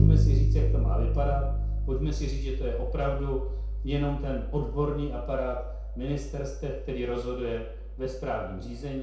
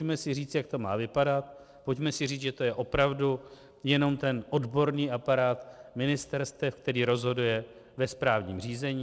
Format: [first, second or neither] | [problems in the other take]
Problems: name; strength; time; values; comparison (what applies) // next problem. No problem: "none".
second | background sound (Bass guitar); 5 dB above the speech // room echo; dies away in 0.5 s